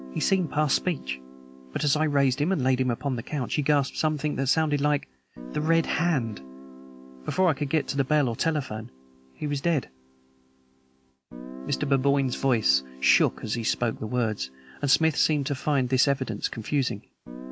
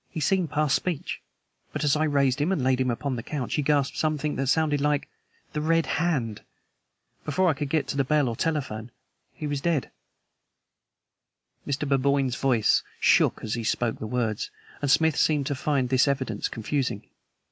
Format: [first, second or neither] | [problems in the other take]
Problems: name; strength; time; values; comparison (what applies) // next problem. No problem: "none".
second | background sound (Guitar); 17 dB below the speech